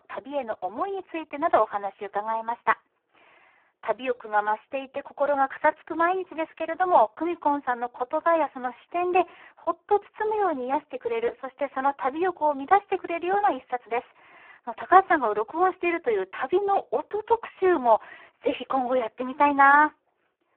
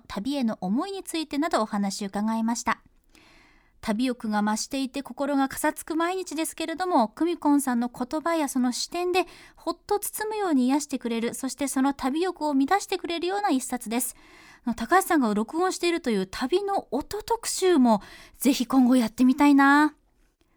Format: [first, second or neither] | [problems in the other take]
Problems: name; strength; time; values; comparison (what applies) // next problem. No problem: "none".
second | phone-call audio; poor line